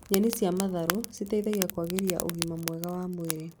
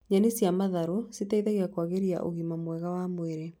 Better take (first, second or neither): second